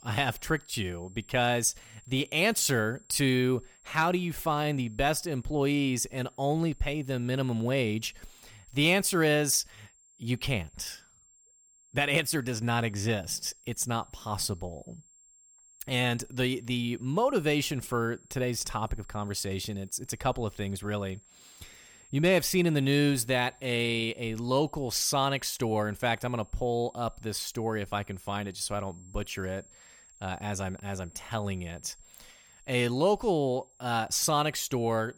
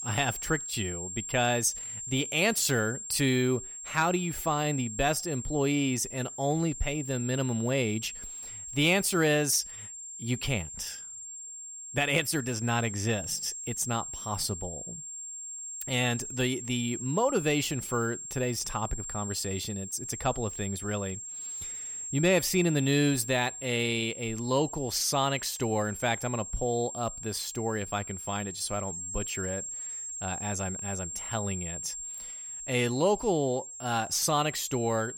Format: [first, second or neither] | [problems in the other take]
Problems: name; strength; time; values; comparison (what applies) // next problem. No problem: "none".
first | high-pitched whine; loud; throughout; 7.5 kHz, 8 dB below the speech; faint in the first